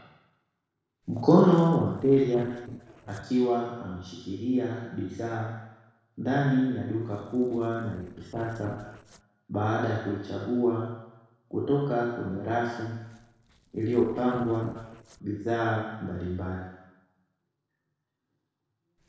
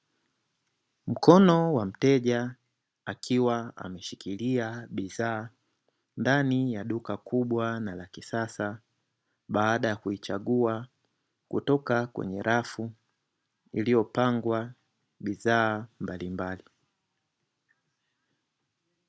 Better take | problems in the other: second | noise reduction (neural separator model SepFormer DNS4)

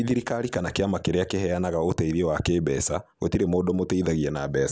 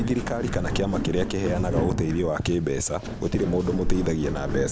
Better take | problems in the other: first | background sound (Walk, footsteps); 3 dB below the speech

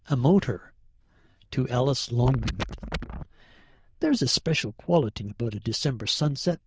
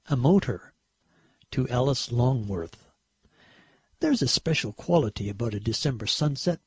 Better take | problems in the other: second | noise reduction (neural diffusion model UNIVERSE++)

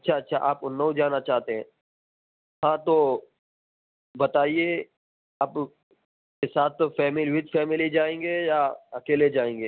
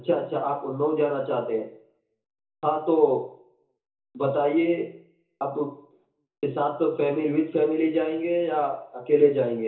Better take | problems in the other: first | room echo; dies away in 0.7 s

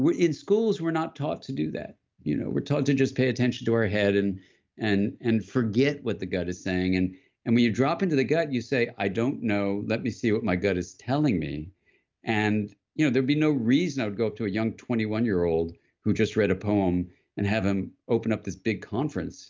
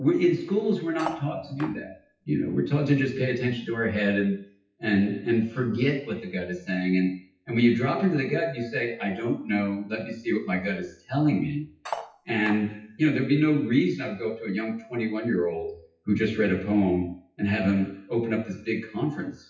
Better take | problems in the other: first | noise reduction (classical method WPE with log-MMSE)

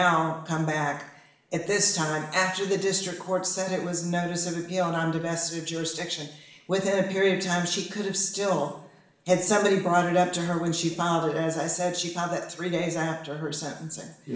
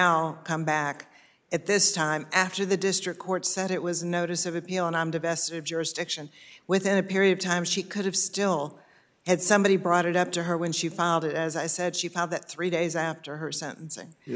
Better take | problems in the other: second | room echo; dies away in 0.7 s

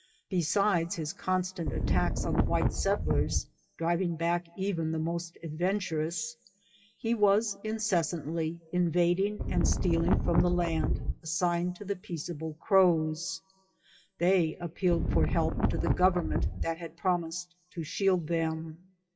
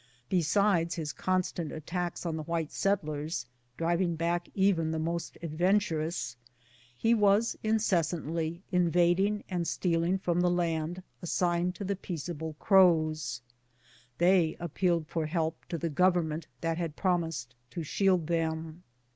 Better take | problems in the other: second | noise reduction (classical method WPE with log-MMSE)

